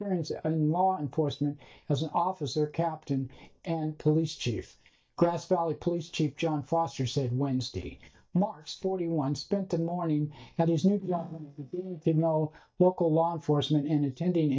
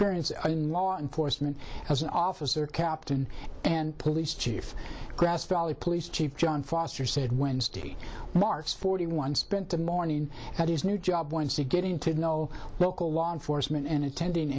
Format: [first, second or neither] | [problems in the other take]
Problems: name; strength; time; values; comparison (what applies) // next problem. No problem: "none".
second | noise reduction (neural mask model DeepFilterNet 3)